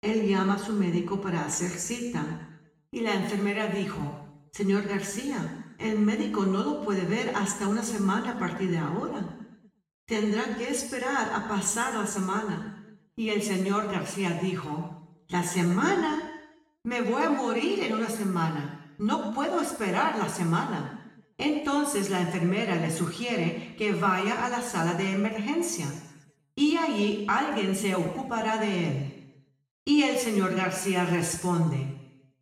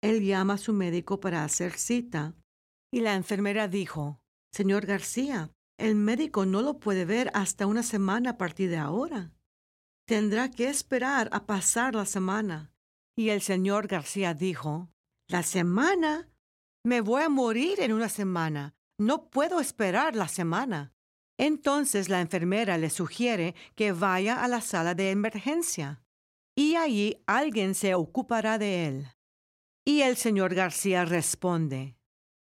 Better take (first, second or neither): second